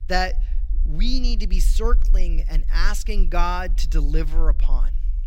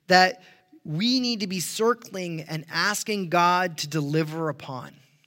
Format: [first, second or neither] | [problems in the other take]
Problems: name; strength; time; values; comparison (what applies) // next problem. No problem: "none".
second | low rumble; faint; throughout; 20 dB below the speech